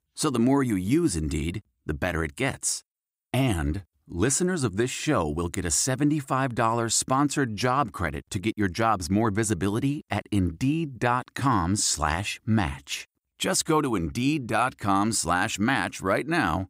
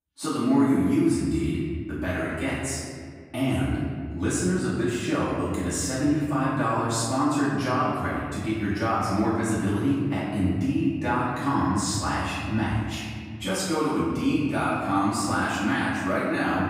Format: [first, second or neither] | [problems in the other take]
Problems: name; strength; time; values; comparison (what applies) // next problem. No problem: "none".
first | off-mic speech; far // room echo; strong; dies away in 2 s